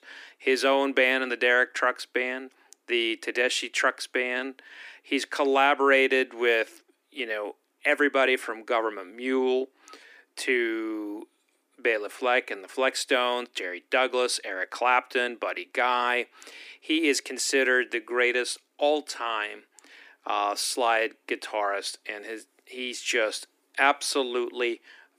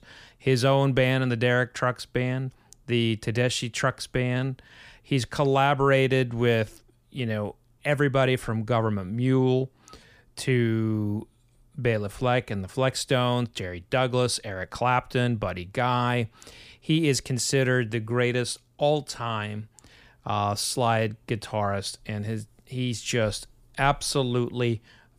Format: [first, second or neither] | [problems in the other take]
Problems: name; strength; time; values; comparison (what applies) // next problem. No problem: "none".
second | thin; somewhat; fading below 250 Hz